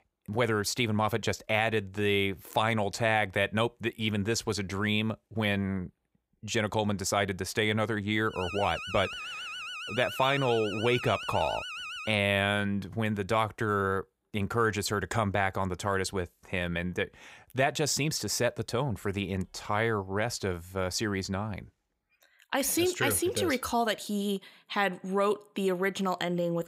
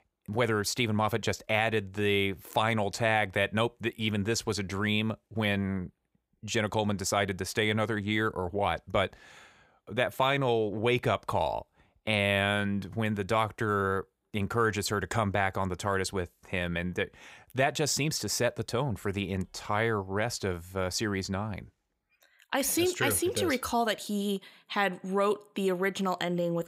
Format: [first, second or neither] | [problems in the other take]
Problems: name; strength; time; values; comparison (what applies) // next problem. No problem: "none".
second | alarm; noticeable; from 8.5 to 12 s; peak 7 dB below the speech